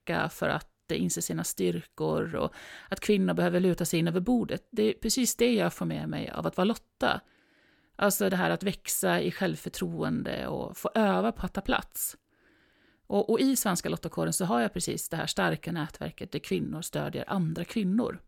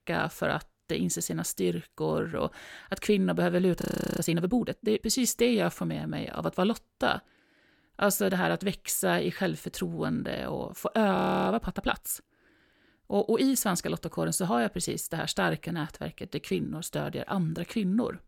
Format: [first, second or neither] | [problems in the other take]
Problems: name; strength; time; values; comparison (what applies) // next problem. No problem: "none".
first | audio freezing; at 4 s and at 11 s